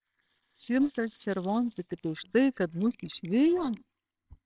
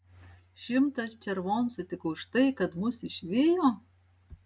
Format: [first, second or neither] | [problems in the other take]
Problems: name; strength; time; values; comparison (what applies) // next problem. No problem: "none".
second | noise reduction (neural separator model SepFormer WHAMR!)